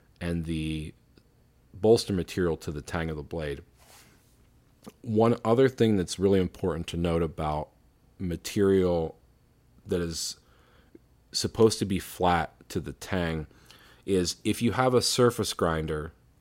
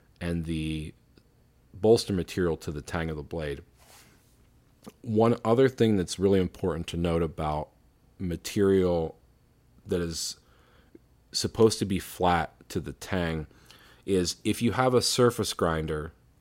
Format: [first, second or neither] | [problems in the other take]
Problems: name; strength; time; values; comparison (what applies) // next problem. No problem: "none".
neither | none